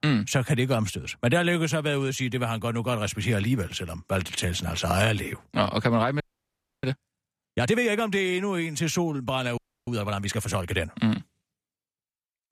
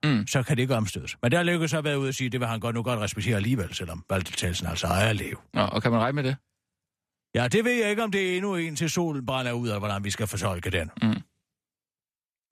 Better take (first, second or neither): second